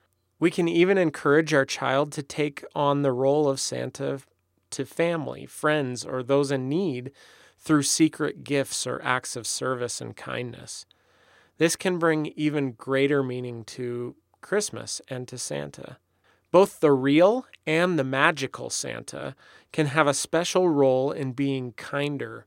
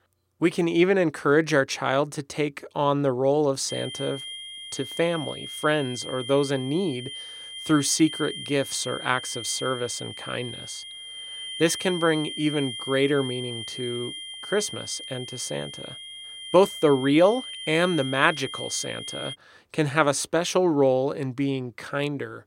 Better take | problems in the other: first | high-pitched whine; loud; from 3.5 to 19 s; 3 kHz, 10 dB below the speech

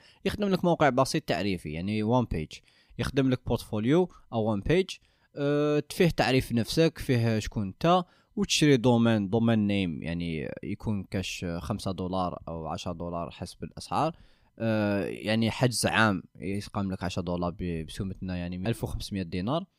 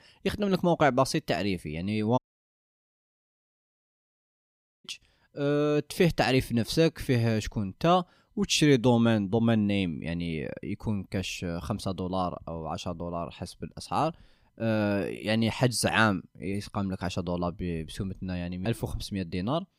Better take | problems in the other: first | audio cutting out; at 2 s for 2.5 s

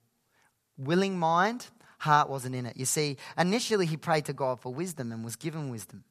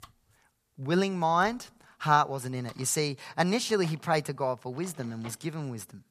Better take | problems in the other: first | household noises; faint; throughout; 25 dB below the speech

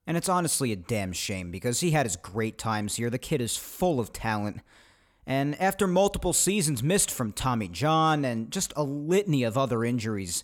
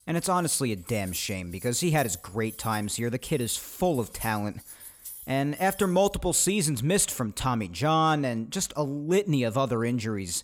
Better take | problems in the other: first | jangling keys; faint; until 6 s; peak 10 dB below the speech

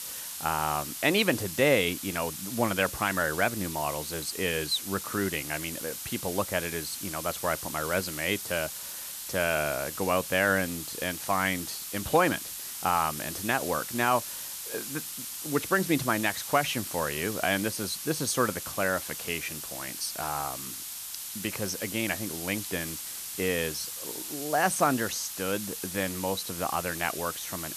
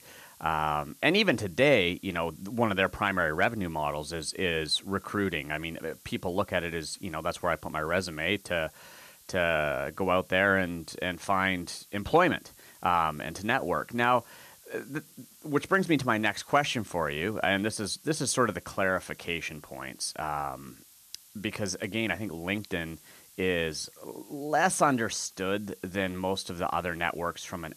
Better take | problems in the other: second | hiss; loud; throughout; 6 dB below the speech; faint in the second

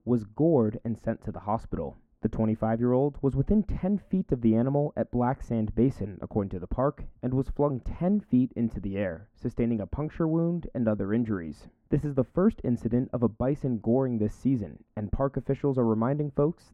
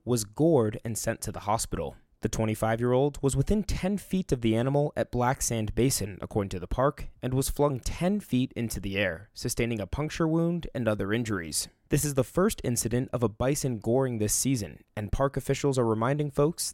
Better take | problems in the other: second | muffled; very; fading above 3 kHz

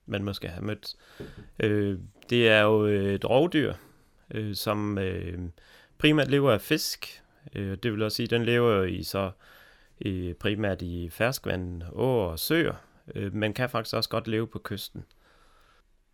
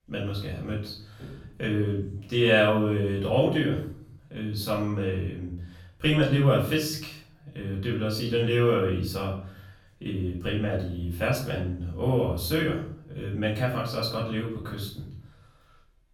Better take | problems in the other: first | off-mic speech; far // room echo; noticeable; dies away in 0.6 s

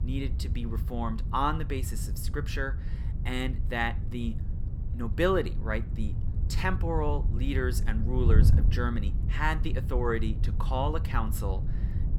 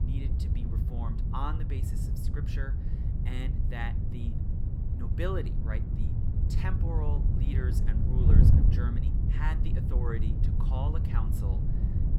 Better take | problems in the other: first | wind noise on the microphone; heavy; 1 dB below the speech; occasional gusts in the first

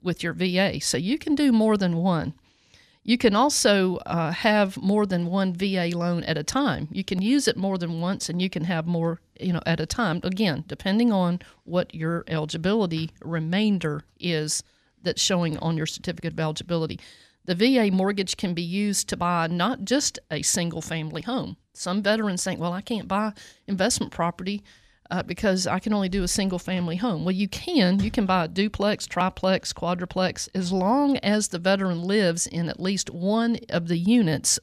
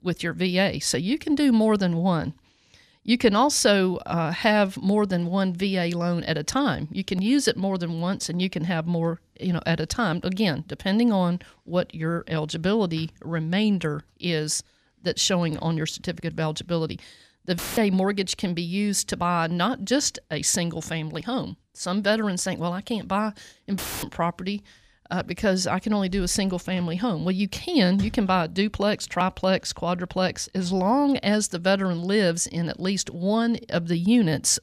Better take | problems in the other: first | audio cutting out; filled with static; at 18 s and at 24 s

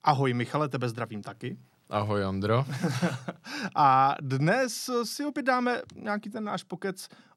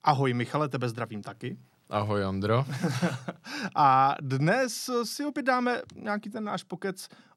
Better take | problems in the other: neither | none

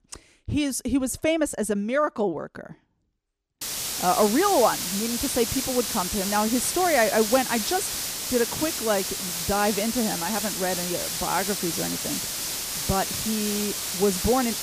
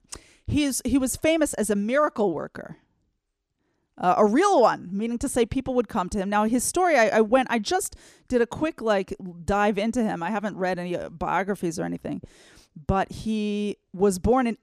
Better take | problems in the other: second | hiss; loud; from 3.5 s on; 2 dB below the speech

